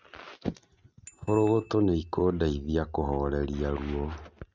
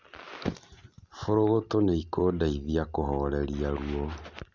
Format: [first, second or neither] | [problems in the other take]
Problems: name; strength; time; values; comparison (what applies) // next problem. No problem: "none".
second | noise reduction (neural mask model RNNoise)